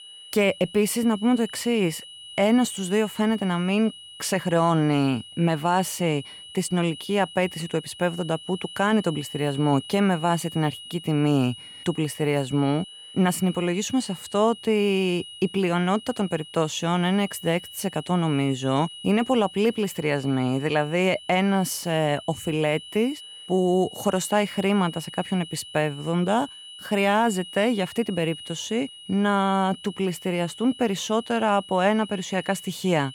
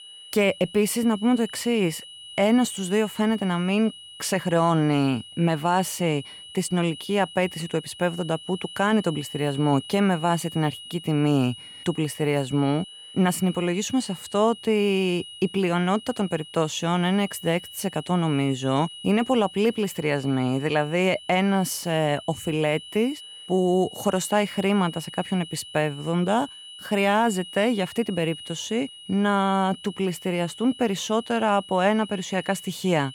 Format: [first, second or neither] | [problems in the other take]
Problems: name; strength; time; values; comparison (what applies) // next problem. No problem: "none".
neither | high-pitched whine; noticeable; throughout; 3 kHz, 15 dB below the speech; the same in both